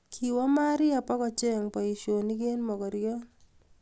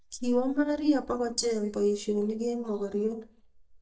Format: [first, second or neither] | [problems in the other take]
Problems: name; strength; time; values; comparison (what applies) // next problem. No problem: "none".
first | noise reduction (neural mask model DeepFilterNet 3)